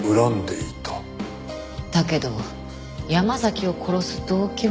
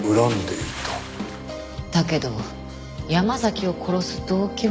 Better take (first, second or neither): first